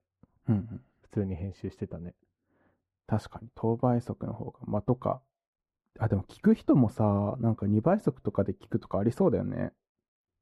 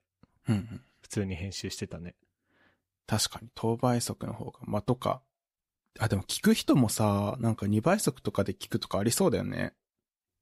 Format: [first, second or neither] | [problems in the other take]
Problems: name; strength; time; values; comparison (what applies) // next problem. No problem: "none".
second | muffled; very; fading above 2 kHz